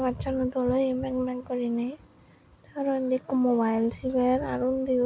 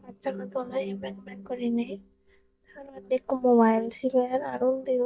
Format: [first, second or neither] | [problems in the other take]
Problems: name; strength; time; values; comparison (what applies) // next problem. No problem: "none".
first | noise reduction (neural mask model DeepFilterNet 3)